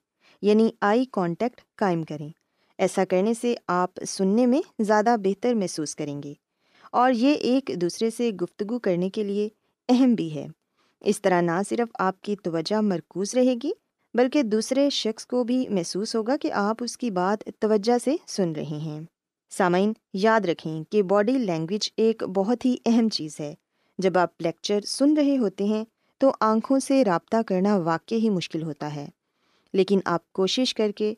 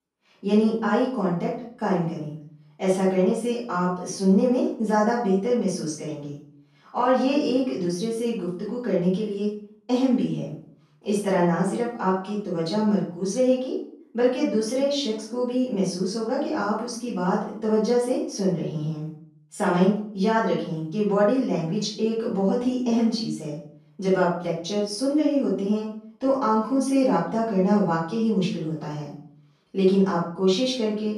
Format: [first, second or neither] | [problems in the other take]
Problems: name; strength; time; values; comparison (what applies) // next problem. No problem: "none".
first | room echo; noticeable; dies away in 0.5 s // off-mic speech; far